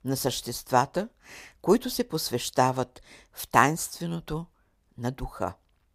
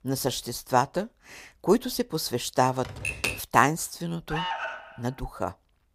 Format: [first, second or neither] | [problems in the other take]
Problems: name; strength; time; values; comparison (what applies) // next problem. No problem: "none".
first | keyboard typing; noticeable; at 3 s; peak 1 dB below the speech // alarm; noticeable; at 4.5 s; peak 3 dB below the speech